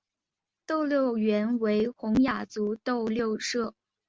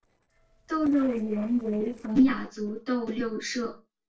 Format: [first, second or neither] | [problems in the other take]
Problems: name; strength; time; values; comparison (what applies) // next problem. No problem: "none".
first | noise reduction (neural separator model SepFormer DNS4)